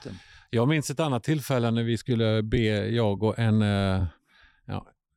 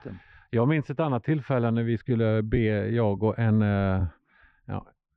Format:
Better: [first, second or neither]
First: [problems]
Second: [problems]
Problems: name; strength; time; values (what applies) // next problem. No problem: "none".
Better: first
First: none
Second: muffled; very; fading above 2 kHz